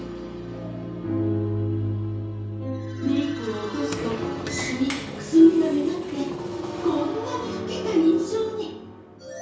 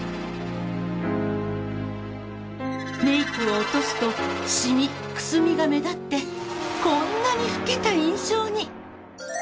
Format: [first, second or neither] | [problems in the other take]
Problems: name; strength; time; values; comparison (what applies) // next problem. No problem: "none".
second | background sound (Sliding door); 15 dB below the speech // room echo; dies away in 0.6 s